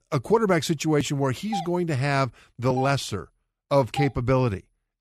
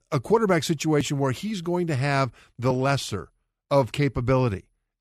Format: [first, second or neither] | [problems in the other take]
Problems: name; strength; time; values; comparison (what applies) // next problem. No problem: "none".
second | doorbell; noticeable; from 1.5 to 4 s; peak 10 dB below the speech